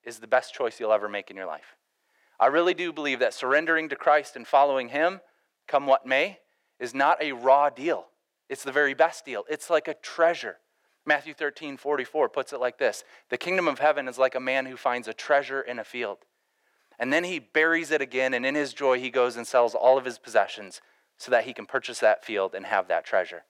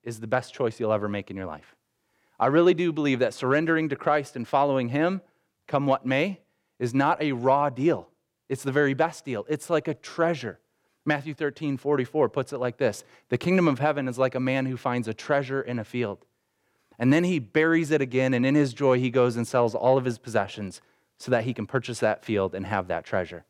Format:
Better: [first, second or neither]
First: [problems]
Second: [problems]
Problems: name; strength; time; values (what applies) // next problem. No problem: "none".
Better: second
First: thin; very; fading below 450 Hz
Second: none